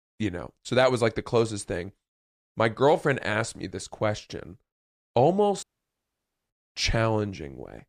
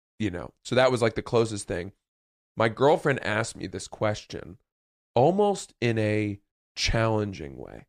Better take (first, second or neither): second